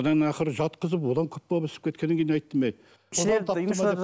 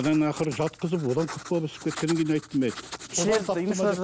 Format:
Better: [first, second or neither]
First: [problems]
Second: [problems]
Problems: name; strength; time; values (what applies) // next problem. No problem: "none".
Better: first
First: none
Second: background sound (Writing); 14 dB below the speech